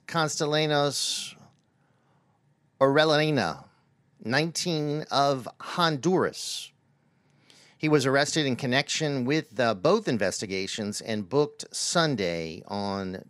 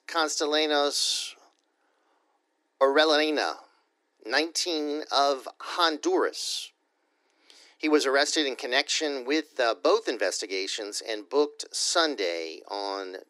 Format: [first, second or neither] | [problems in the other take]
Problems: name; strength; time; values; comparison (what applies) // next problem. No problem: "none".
first | thin; somewhat; fading below 300 Hz